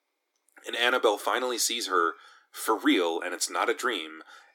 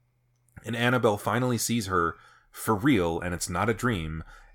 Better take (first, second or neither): second